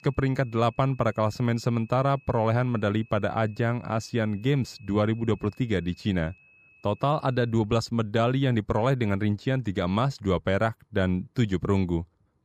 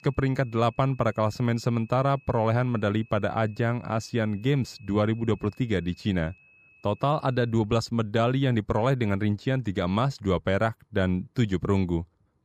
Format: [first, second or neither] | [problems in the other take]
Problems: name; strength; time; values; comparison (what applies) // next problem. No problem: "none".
neither | high-pitched whine; faint; until 7.5 s; 2.5 kHz, 30 dB below the speech; the same in both